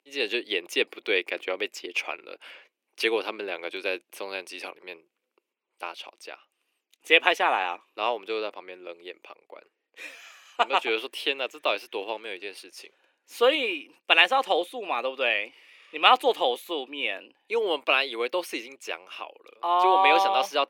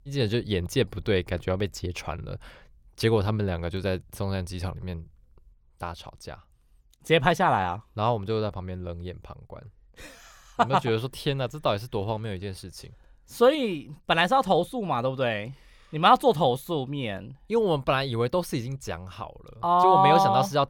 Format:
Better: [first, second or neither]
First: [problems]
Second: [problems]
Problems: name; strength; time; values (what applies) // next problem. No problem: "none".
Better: second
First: thin; very; fading below 300 Hz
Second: none